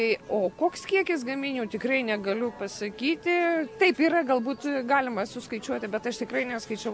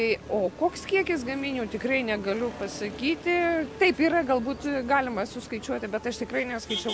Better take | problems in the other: first | background sound (Motor vehicle (road)); 14 dB below the speech

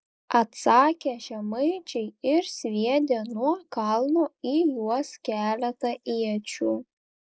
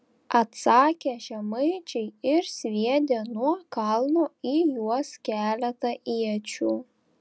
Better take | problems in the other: second | noise reduction (neural mask model Resemble Enhance denoiser)

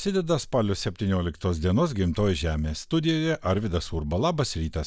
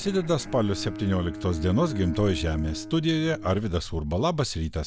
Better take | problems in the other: first | background sound (Bowed string instrument); 12 dB below the speech

